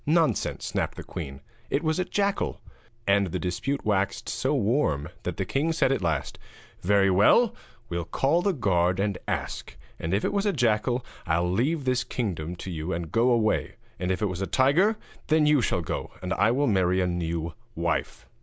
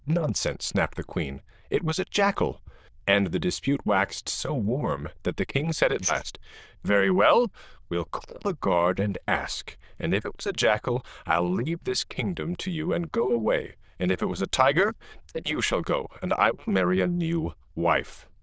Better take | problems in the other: first | noise reduction (neural diffusion model UNIVERSE++)

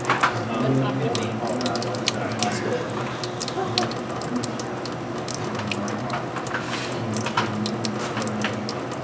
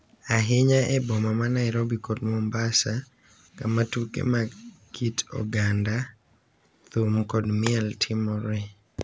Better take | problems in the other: second | background sound (Sink (filling or washing) / Water tap, faucet / Water); 5 dB above the speech // room echo; dies away in 0.9 s

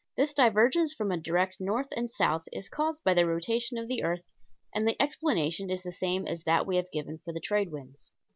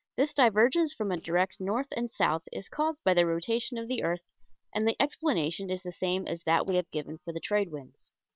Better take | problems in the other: first | noise reduction (neural separator model SepFormer WHAM!)

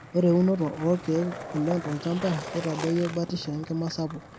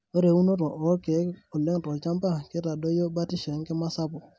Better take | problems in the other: second | background sound (Skateboard); 12 dB below the speech

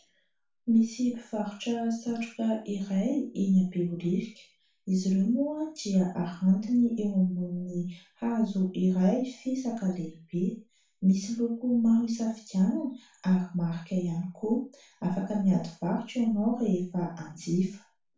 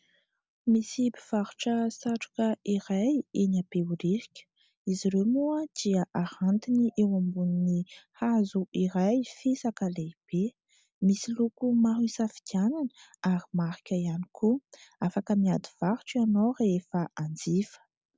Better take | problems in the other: second | room echo; dies away in 0.3 s

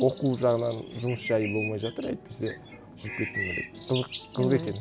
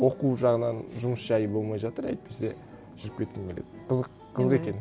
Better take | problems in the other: second | background sound (Bird); 11 dB below the speech

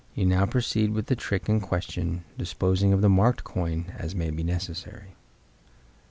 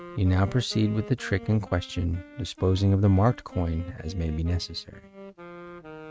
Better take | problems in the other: first | noise reduction (neural mask model RNNoise)

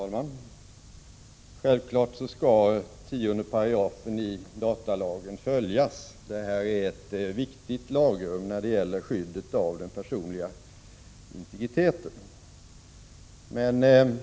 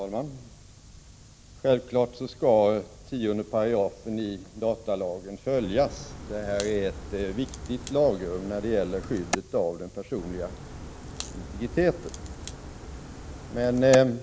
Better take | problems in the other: first | background sound (Crack); 10 dB below the speech

